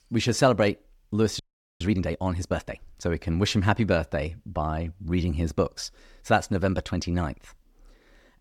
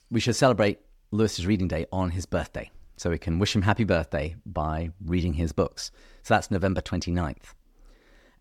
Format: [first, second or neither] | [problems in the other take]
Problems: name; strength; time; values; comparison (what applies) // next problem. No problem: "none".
second | audio freezing; at 1.5 s